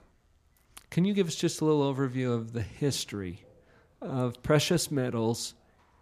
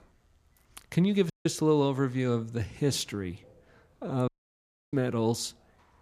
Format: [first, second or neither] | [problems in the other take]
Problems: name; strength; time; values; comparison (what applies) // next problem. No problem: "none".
first | audio cutting out; at 1.5 s and at 4.5 s for 0.5 s